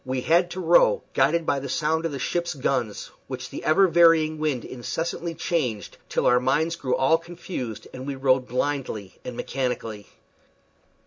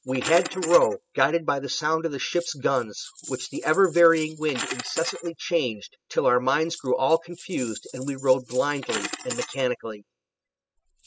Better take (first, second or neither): first